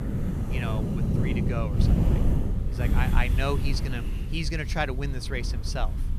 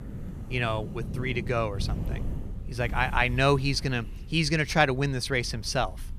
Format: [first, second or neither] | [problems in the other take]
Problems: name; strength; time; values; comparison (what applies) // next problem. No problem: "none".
second | wind noise on the microphone; heavy; 5 dB below the speech; occasional gusts in the second